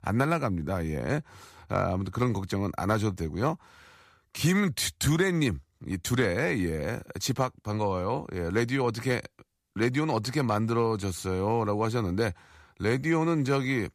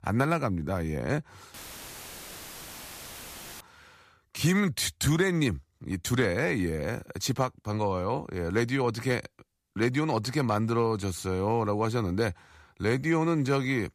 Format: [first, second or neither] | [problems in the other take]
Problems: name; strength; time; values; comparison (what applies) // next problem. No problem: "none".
first | audio cutting out; filled with static; at 1.5 s for 2 s